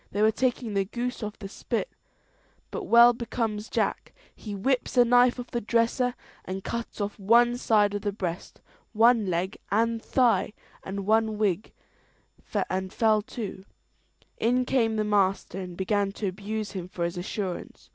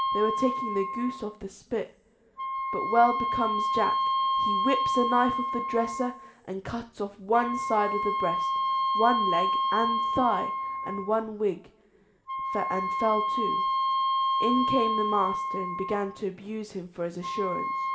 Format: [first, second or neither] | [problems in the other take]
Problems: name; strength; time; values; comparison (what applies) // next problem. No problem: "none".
first | background sound (Wind instrument, woodwind instrument); 1 dB above the speech // room echo; dies away in 1.8 s